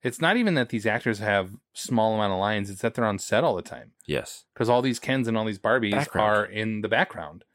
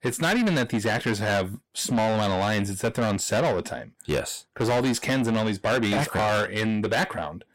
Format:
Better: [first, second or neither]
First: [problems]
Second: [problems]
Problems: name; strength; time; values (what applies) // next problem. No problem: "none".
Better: first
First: none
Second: distortion; heavy; 6 dB below the speech